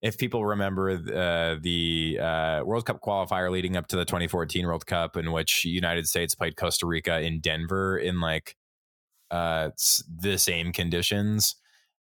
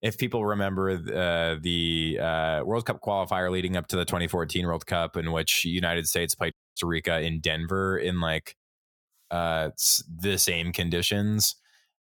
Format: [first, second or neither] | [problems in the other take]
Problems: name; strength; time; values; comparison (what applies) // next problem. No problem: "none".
first | audio cutting out; at 6.5 s